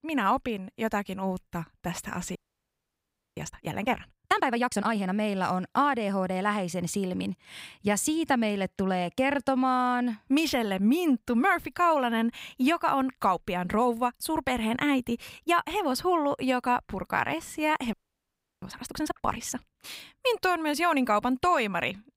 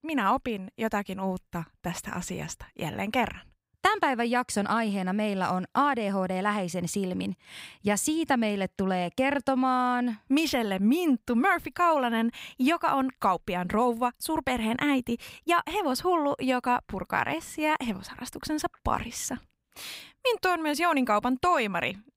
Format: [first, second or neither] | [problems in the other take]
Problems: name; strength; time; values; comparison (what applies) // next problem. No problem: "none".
second | audio freezing; at 2.5 s for 1 s and at 18 s for 0.5 s